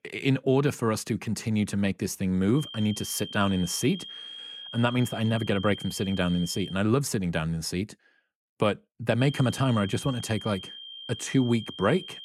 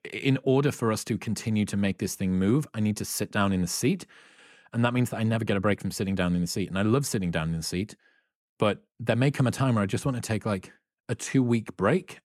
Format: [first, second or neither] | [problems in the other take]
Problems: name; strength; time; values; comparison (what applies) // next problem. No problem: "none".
second | high-pitched whine; noticeable; from 2.5 to 6.5 s and from 9 s on; 3 kHz, 10 dB below the speech